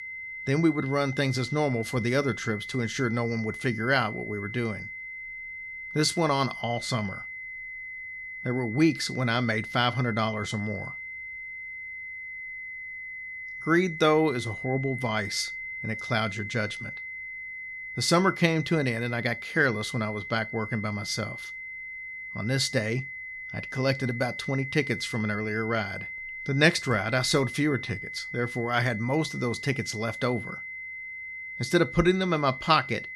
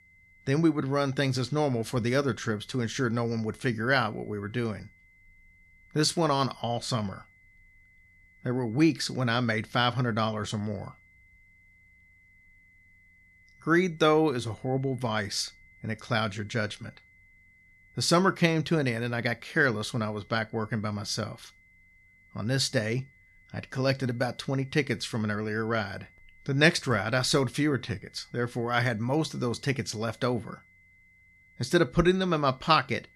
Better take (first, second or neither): second